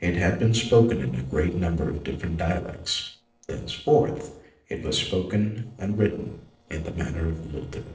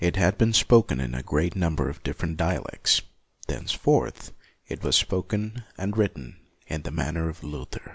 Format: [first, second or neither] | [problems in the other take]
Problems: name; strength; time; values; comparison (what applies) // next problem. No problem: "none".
second | noise reduction (neural separator model SepFormer DNS4)